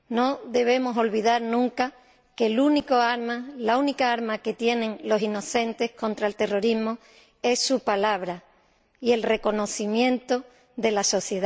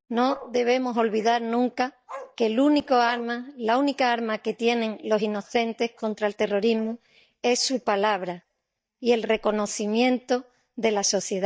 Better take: first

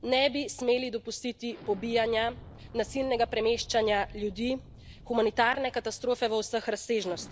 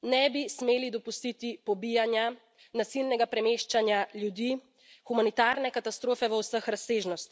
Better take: second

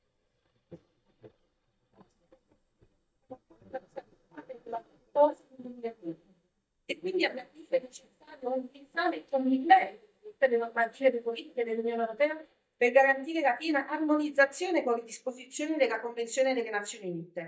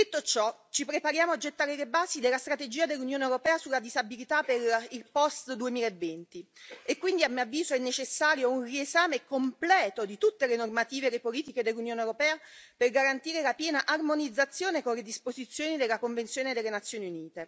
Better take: second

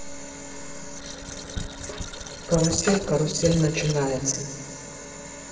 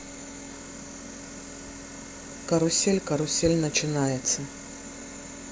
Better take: second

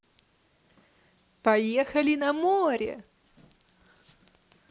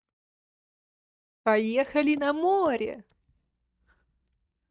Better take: first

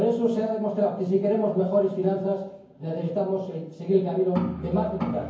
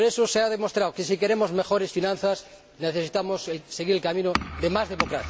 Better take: second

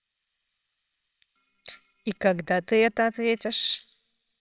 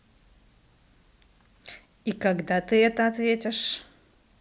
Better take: second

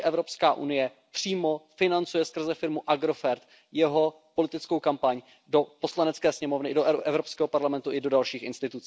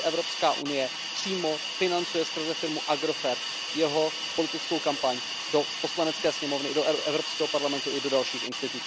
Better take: first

